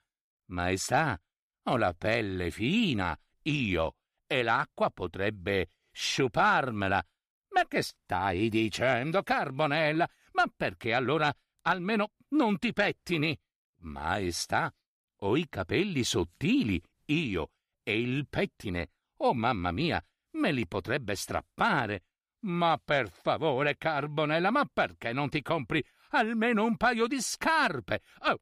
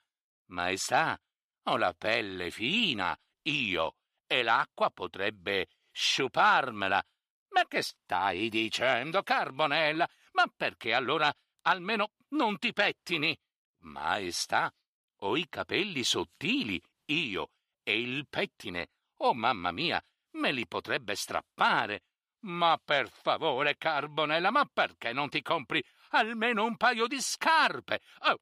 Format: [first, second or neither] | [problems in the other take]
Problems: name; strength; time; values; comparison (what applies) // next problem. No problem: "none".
first | thin; very slightly; fading below 350 Hz